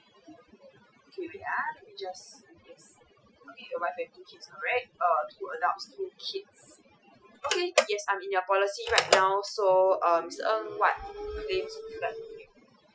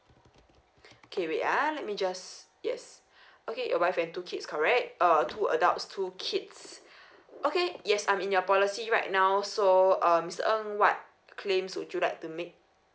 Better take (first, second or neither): second